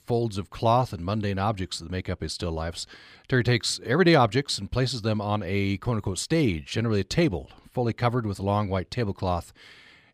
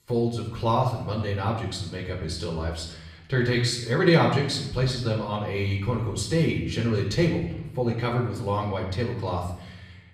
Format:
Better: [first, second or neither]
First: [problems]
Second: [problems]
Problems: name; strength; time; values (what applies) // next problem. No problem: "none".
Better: first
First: none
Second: room echo; noticeable; dies away in 0.8 s // off-mic speech; far